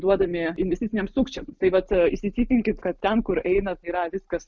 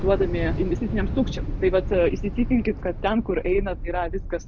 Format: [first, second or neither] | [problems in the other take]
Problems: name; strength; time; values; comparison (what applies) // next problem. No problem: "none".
first | background sound (Thunder / Explosion); 4 dB below the speech